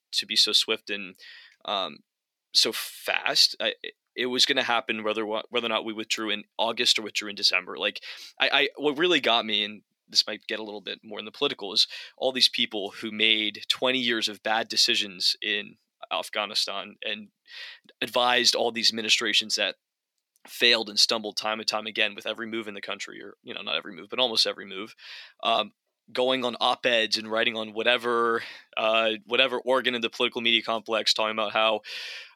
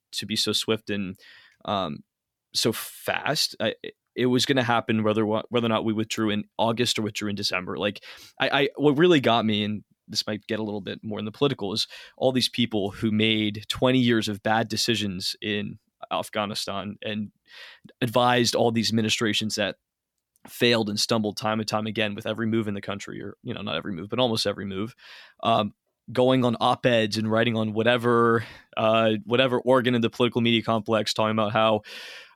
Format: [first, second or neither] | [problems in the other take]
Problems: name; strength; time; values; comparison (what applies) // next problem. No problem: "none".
second | thin; somewhat; fading below 350 Hz